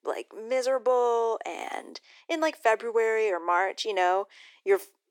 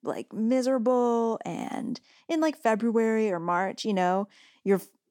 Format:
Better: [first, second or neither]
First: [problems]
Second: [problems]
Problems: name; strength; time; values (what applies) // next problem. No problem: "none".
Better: second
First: thin; very; fading below 350 Hz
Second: none